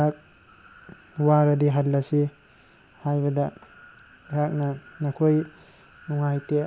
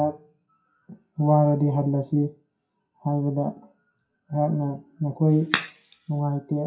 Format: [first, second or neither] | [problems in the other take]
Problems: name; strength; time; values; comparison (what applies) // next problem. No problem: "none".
first | noise reduction (classical method WPE with log-MMSE)